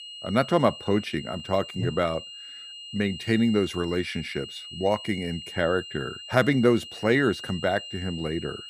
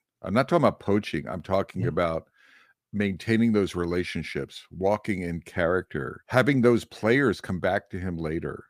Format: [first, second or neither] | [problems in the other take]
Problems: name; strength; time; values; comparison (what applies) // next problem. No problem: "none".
second | high-pitched whine; noticeable; throughout; 3 kHz, 10 dB below the speech